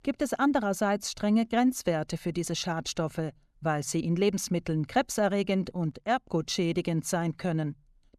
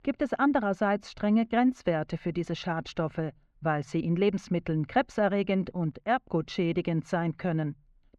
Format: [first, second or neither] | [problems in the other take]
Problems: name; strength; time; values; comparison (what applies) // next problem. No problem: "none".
first | muffled; slightly; fading above 2.5 kHz